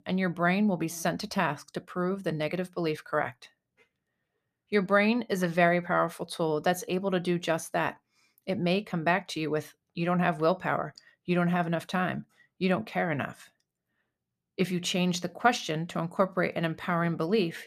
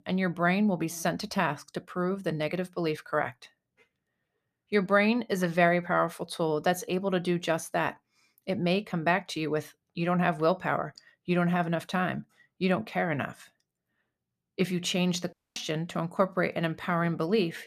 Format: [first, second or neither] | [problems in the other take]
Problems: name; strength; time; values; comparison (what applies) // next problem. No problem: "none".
first | audio cutting out; at 15 s